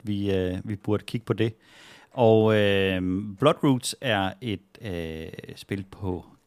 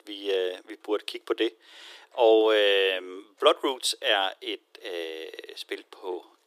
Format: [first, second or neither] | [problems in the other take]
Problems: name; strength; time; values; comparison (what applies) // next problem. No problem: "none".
first | thin; very; fading below 350 Hz